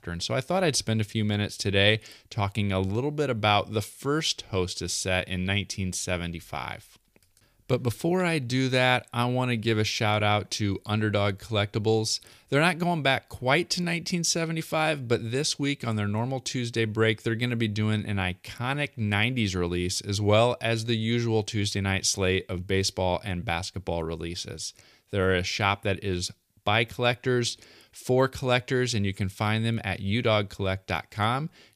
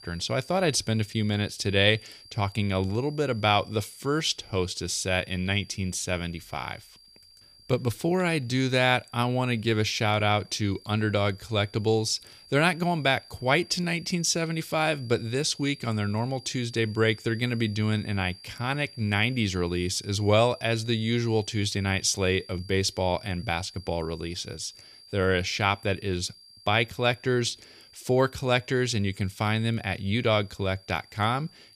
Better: first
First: none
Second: high-pitched whine; faint; throughout; 4.5 kHz, 20 dB below the speech

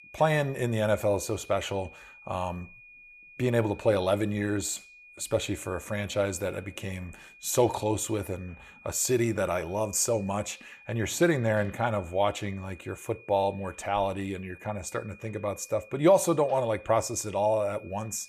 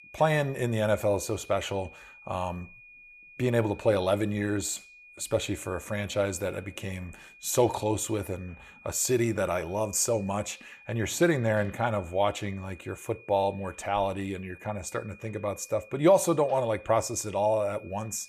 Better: neither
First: high-pitched whine; faint; throughout; 2.5 kHz, 20 dB below the speech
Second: high-pitched whine; faint; throughout; 2.5 kHz, 20 dB below the speech

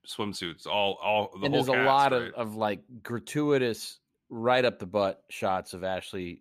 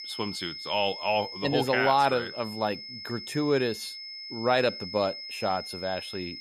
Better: first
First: none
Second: high-pitched whine; loud; throughout; 5 kHz, 9 dB below the speech

